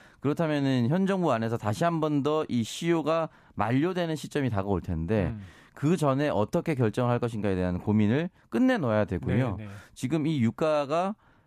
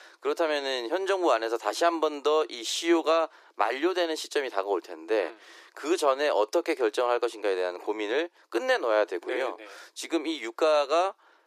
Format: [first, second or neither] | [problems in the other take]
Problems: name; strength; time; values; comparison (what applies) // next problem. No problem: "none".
first | thin; very; fading below 350 Hz